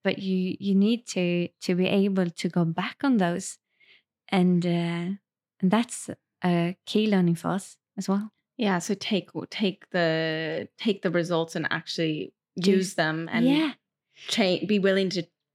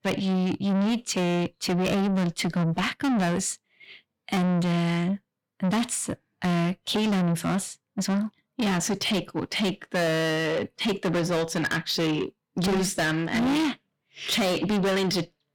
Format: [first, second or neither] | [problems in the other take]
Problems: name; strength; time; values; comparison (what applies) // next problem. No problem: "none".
first | distortion; heavy; 6 dB below the speech